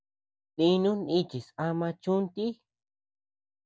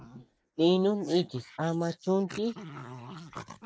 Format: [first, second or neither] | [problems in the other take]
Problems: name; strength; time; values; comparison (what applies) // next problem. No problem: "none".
first | noise reduction (neural mask model Resemble Enhance denoiser)